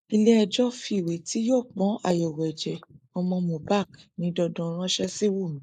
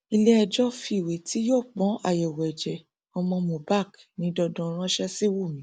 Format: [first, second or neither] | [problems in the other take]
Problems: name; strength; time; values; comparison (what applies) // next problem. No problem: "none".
second | noise reduction (neural mask model Resemble Enhance denoiser)